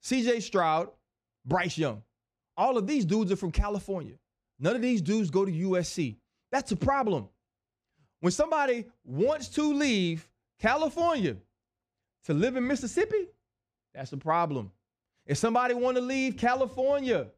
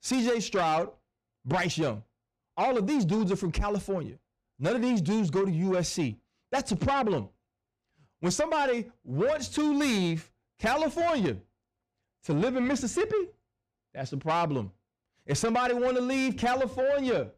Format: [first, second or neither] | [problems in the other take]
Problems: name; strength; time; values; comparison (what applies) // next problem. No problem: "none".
first | distortion; slight; 10 dB below the speech